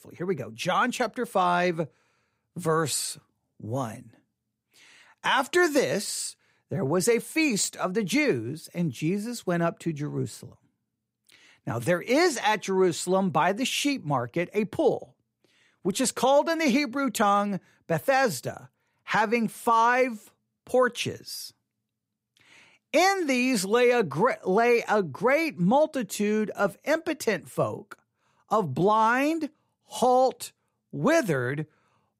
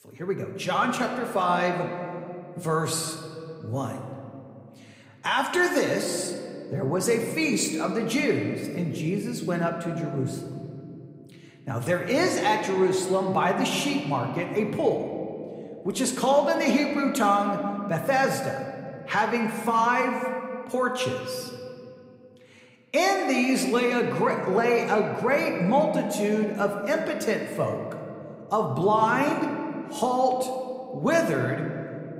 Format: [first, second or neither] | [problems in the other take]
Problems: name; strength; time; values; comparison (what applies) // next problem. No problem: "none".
first | room echo; slight; dies away in 2.2 s